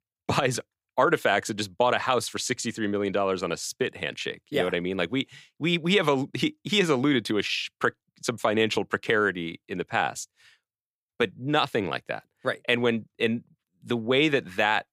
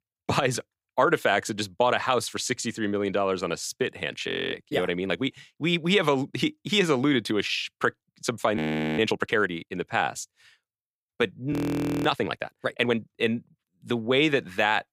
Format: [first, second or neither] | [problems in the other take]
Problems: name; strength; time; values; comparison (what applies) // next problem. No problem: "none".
first | audio freezing; at 4.5 s, at 8.5 s and at 12 s for 0.5 s